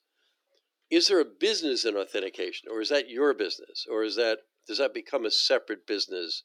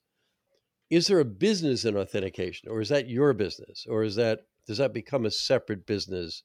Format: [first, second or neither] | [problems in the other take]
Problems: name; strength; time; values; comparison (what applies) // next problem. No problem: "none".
second | thin; somewhat; fading below 300 Hz